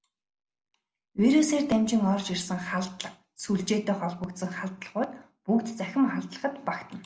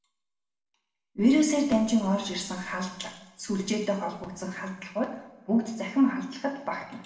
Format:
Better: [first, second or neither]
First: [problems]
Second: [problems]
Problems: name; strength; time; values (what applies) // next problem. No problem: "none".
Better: first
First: none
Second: room echo; dies away in 0.9 s